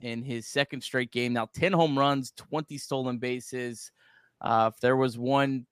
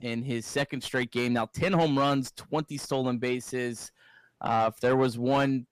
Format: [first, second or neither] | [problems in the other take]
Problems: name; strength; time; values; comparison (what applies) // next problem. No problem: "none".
first | distortion; slight; 10 dB below the speech